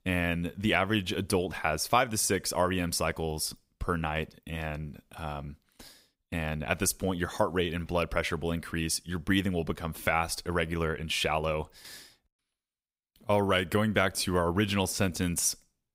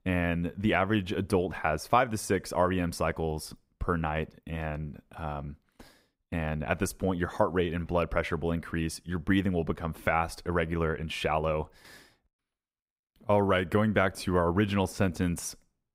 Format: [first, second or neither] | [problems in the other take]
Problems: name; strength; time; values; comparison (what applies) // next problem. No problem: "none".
first | muffled; slightly; fading above 2.5 kHz